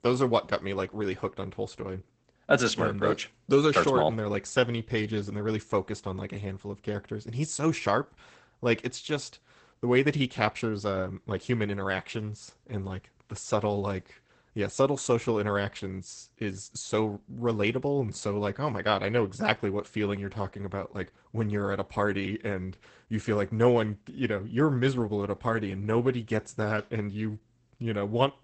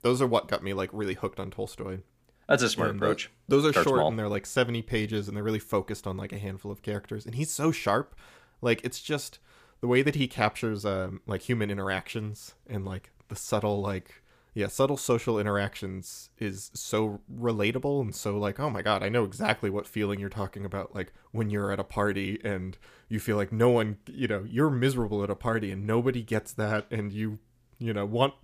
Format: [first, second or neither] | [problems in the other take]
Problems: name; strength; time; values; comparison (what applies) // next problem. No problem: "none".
second | garbled, watery; badly; nothing above 8 kHz